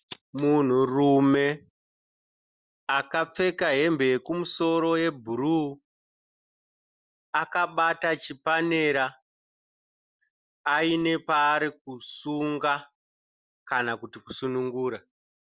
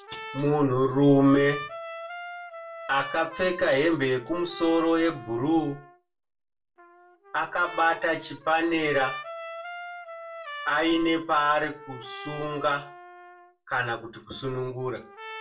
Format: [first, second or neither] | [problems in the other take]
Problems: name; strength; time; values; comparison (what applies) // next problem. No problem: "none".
first | background sound (Trumpet); 14 dB below the speech // room echo; dies away in 0.2 s